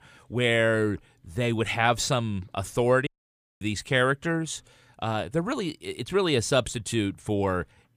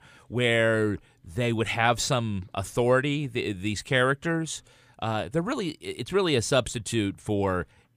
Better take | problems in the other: second | audio cutting out; at 3 s for 0.5 s

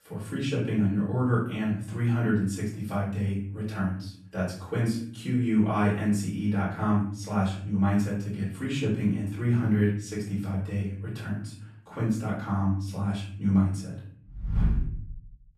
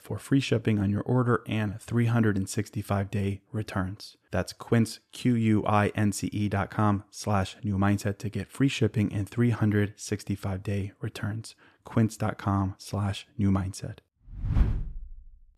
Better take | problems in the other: second | off-mic speech; far // room echo; noticeable; dies away in 0.5 s

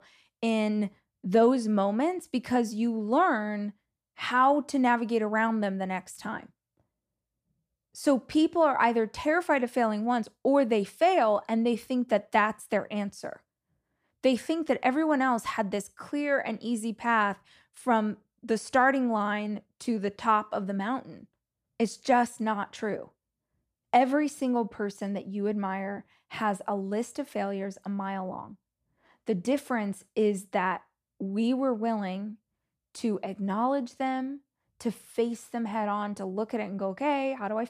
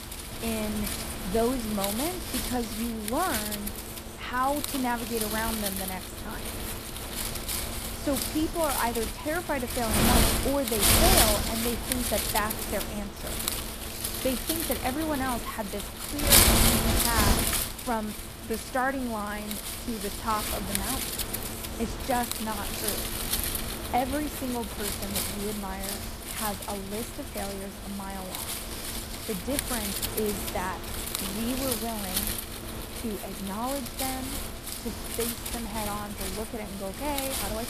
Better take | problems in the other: first | wind noise on the microphone; heavy; 1 dB above the speech

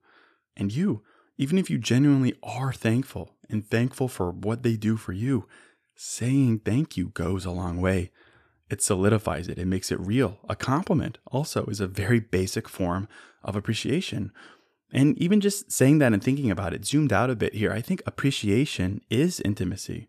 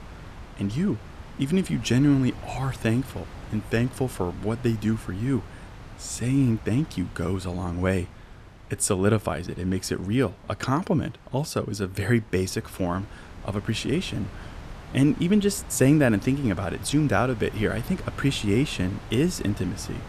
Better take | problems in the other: first | wind noise on the microphone; occasional gusts; 15 dB below the speech

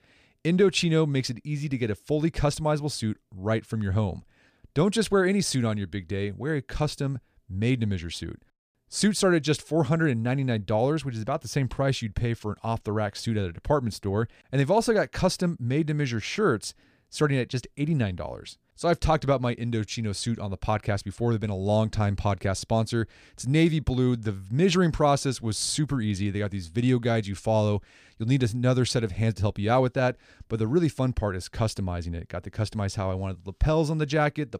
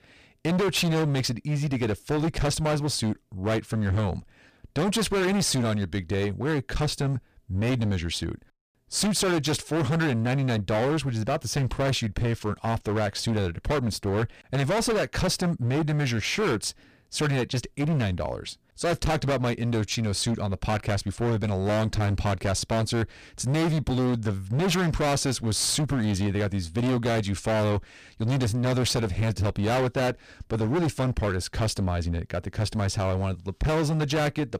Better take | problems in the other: first | distortion; heavy; 25% of the sound clipped

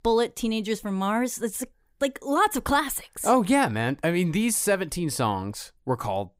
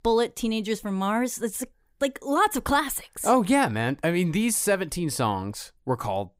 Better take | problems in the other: neither | none

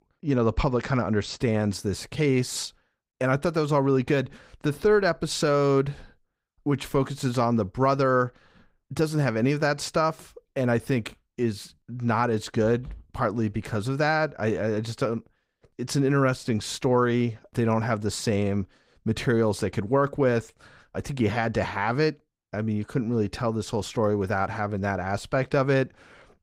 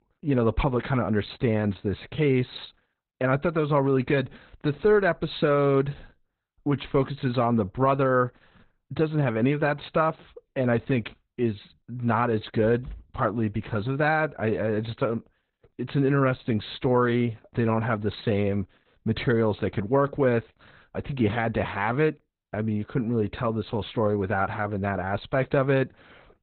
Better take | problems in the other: first | garbled, watery; badly; nothing above 4 kHz; slightly in the first

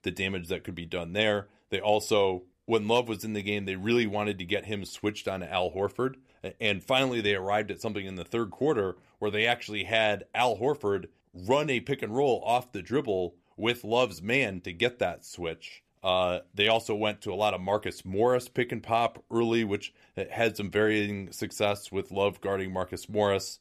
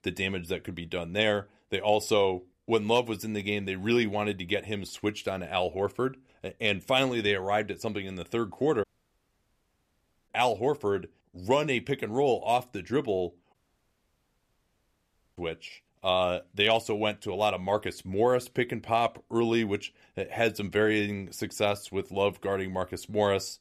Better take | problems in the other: first | audio cutting out; at 9 s for 1.5 s and at 14 s for 2 s

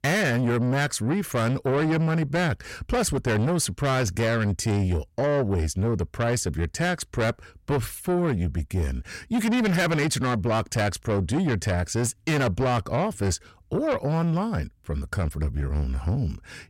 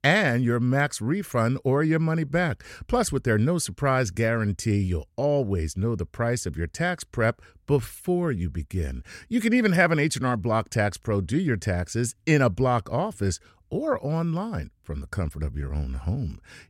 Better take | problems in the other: second | distortion; heavy; 8 dB below the speech

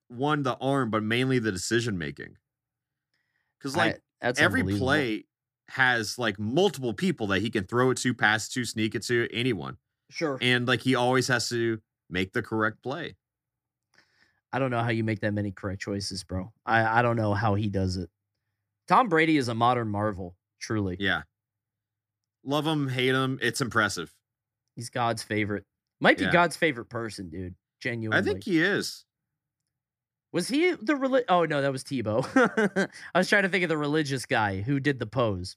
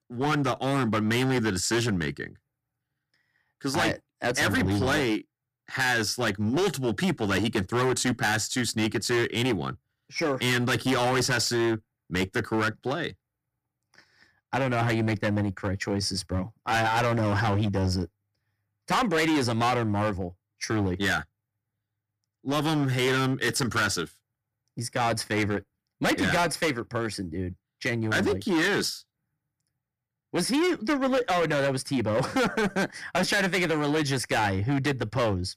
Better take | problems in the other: first | distortion; heavy; 15% of the sound clipped

